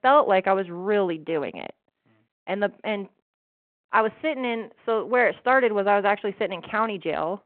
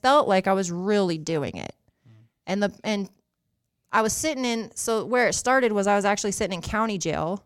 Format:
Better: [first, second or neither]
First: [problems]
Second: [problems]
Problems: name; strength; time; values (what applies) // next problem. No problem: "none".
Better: second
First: phone-call audio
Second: none